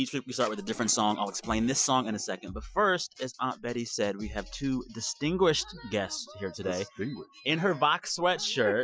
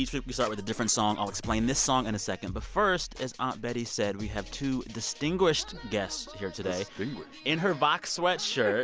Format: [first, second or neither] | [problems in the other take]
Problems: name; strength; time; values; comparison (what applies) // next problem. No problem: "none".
second | noise reduction (classical method Wiener filter)